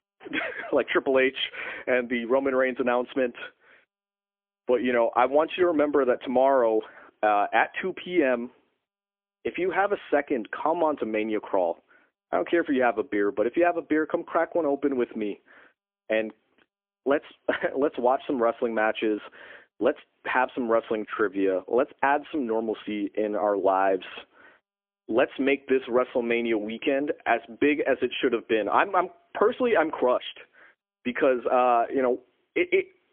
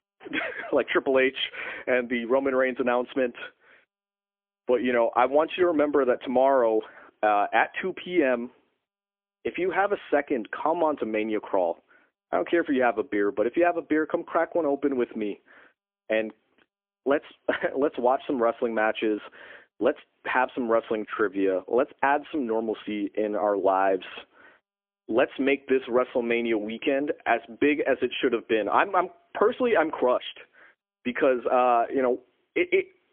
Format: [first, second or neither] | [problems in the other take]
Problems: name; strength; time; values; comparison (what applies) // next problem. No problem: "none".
neither | phone-call audio; poor line; nothing above 3.5 kHz; the same in both